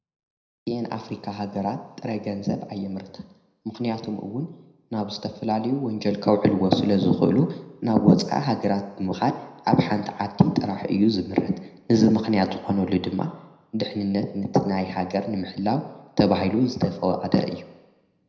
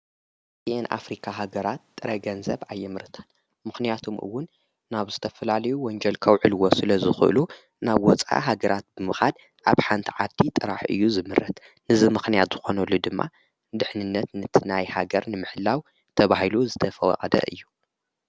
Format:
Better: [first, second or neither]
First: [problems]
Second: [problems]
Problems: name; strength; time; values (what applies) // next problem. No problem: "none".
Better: second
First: room echo; dies away in 0.7 s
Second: none